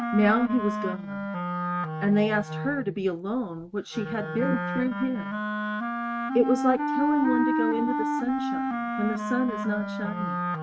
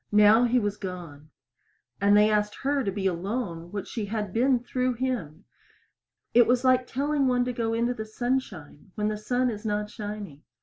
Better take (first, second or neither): second